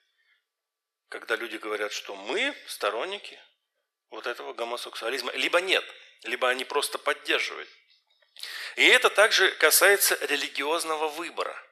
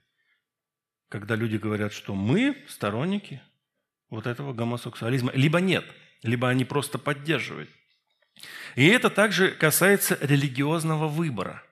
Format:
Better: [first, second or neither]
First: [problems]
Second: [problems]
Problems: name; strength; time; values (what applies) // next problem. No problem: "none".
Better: second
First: thin; very; fading below 400 Hz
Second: none